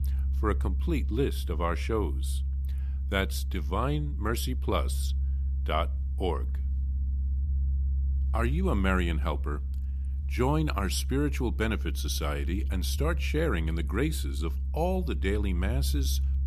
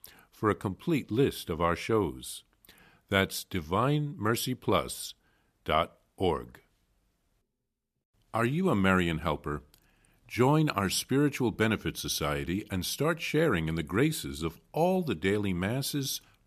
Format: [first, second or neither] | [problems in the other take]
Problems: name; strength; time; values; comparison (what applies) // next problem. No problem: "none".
second | low rumble; noticeable; throughout; 15 dB below the speech